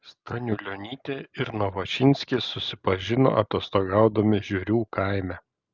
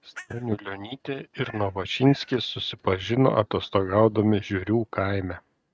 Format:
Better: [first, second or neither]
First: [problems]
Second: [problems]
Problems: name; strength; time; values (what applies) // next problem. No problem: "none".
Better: first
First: none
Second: noise reduction (neural mask model RNNoise)